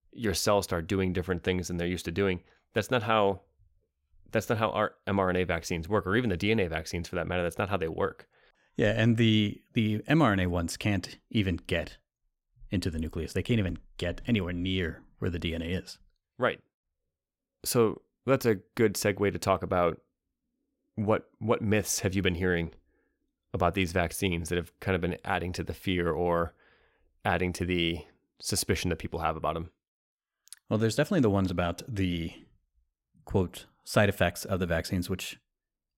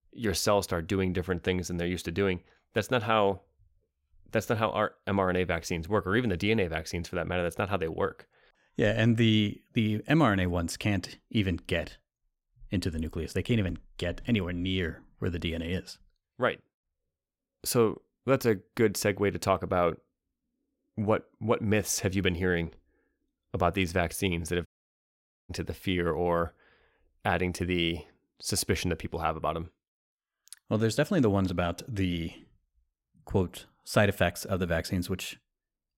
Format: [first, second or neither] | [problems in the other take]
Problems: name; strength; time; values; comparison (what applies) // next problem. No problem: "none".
first | audio cutting out; at 25 s for 1 s